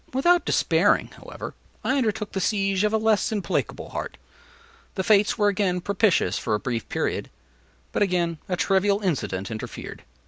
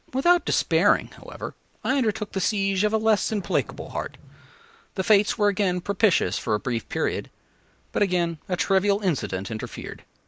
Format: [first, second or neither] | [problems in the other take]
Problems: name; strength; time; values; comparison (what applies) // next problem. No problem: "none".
first | noise reduction (neural mask model Resemble Enhance denoiser)